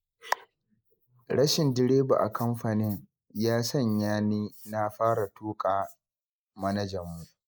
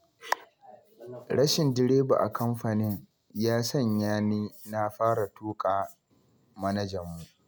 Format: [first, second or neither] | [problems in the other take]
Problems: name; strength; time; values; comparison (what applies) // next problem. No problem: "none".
second | noise reduction (neural mask model Resemble Enhance denoiser)